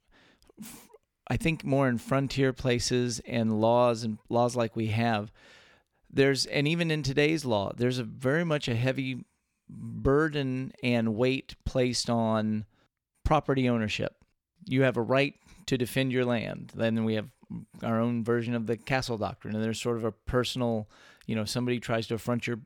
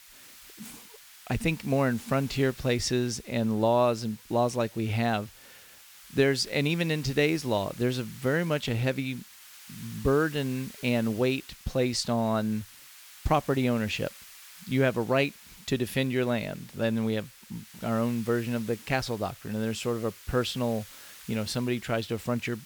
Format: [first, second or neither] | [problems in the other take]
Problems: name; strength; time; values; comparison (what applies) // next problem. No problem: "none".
first | hiss; noticeable; throughout; 20 dB below the speech